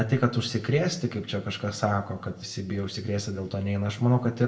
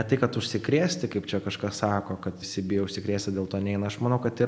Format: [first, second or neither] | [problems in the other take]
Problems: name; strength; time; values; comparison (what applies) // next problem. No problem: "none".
second | room echo; dies away in 0.2 s